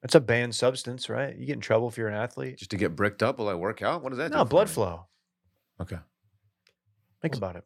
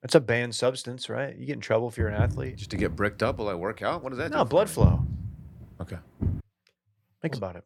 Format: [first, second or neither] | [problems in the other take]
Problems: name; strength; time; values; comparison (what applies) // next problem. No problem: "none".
first | footsteps; loud; from 2 to 6.5 s; peak 5 dB above the speech